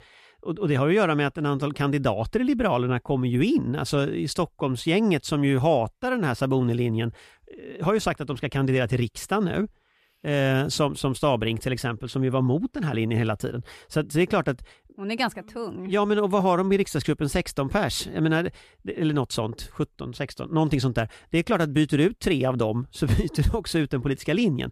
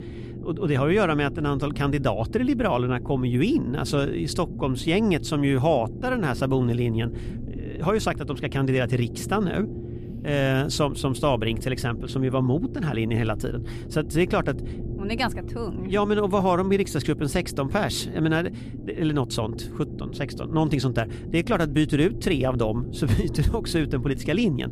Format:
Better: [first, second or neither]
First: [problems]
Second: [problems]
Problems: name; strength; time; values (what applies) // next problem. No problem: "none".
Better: first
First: none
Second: low rumble; noticeable; throughout; 15 dB below the speech